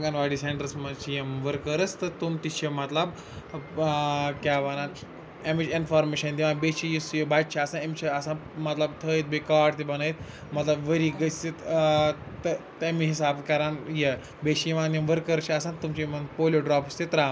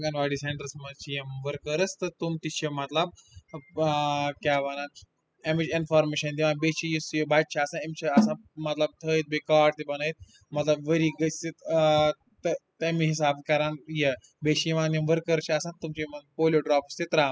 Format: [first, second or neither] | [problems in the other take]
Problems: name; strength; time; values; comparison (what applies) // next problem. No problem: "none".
first | noise reduction (classical method spectral subtraction)